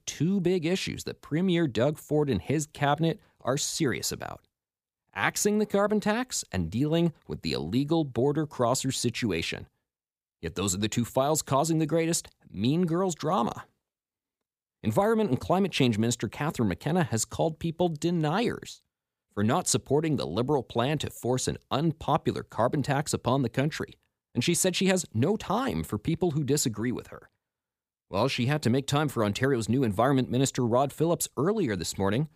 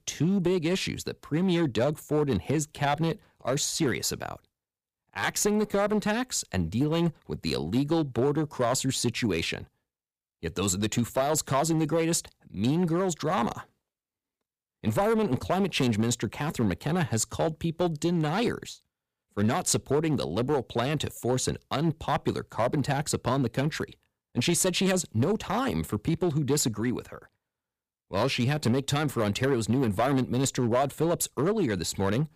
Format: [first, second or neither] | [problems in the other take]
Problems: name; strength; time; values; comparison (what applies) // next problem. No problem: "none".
first | distortion; slight; 5% of the sound clipped